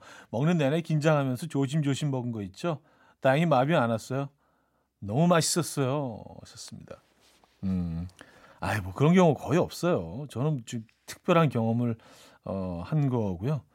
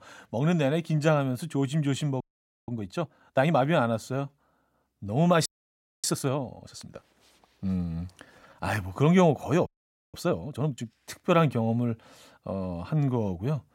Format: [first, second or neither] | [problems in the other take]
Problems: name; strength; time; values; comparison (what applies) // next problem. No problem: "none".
first | audio freezing; at 2 s, at 5.5 s for 0.5 s and at 9.5 s